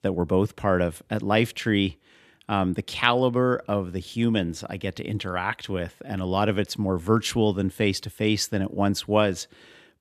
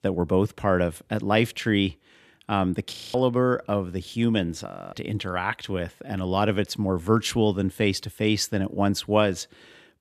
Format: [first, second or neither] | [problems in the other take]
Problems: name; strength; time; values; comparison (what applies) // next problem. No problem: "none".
first | audio freezing; at 3 s and at 4.5 s